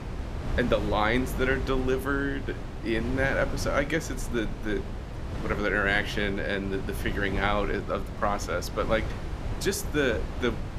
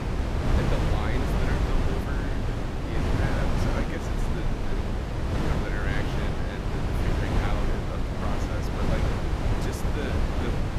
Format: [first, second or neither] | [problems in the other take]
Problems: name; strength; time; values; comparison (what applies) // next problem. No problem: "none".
first | wind noise on the microphone; heavy; 5 dB above the speech; occasional gusts in the first